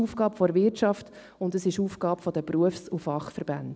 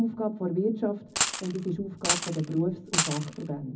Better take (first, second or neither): first